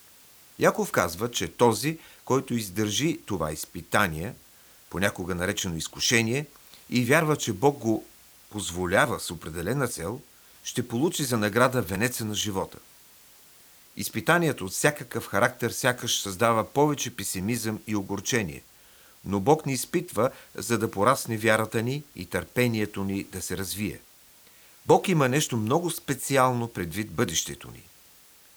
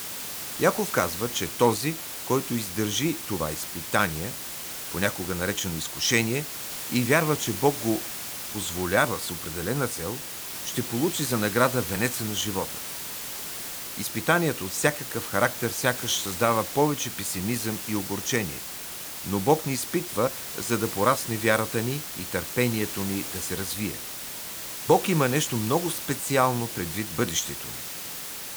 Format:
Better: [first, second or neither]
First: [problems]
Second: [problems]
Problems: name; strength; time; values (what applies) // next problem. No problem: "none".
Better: first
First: hiss; faint; throughout; 25 dB below the speech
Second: hiss; loud; throughout; 5 dB below the speech